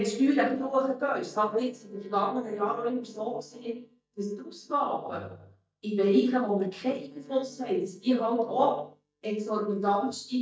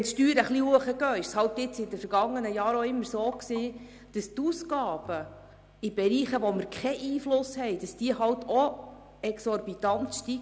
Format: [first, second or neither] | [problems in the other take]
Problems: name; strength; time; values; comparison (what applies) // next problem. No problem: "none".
second | noise reduction (neural mask model DeepFilterNet 3)